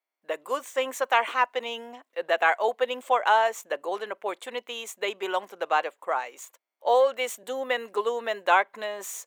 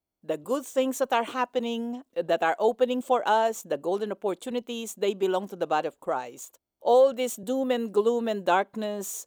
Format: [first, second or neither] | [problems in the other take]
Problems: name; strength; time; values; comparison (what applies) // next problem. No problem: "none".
second | thin; very; fading below 600 Hz